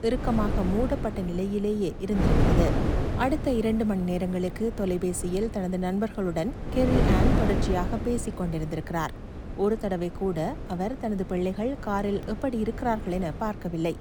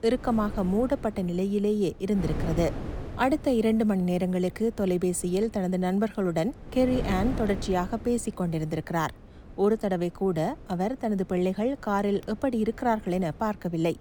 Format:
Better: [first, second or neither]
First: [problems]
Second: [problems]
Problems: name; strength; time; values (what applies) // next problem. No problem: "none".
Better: second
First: wind noise on the microphone; heavy; 5 dB below the speech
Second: wind noise on the microphone; occasional gusts; 15 dB below the speech